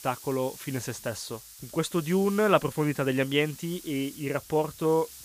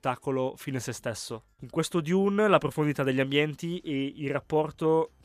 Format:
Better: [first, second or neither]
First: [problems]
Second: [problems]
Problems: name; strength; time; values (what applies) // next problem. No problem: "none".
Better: second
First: hiss; noticeable; throughout; 15 dB below the speech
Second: none